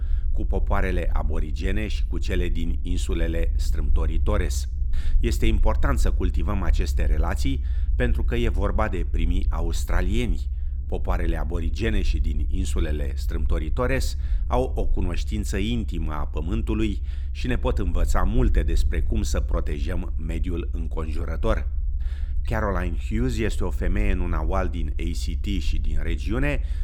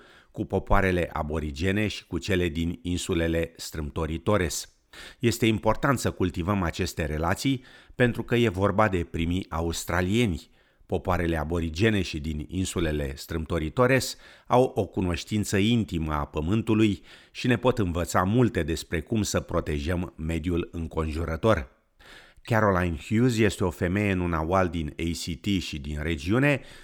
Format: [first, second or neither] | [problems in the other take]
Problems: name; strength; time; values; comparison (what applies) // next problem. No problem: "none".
second | low rumble; noticeable; throughout; 15 dB below the speech